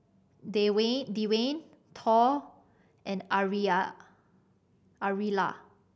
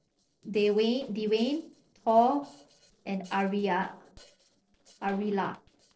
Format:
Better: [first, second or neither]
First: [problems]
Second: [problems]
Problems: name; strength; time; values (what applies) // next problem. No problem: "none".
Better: first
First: none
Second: noise reduction (neural separator model SepFormer DNS4)